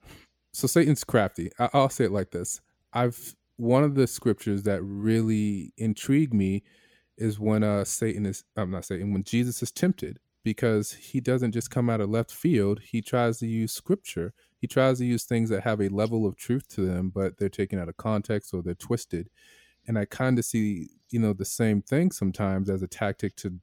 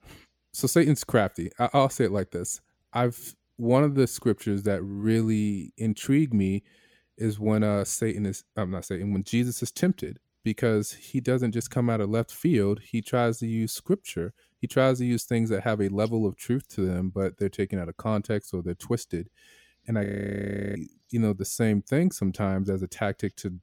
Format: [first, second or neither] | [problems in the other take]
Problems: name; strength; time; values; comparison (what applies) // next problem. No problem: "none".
first | audio freezing; at 20 s for 0.5 s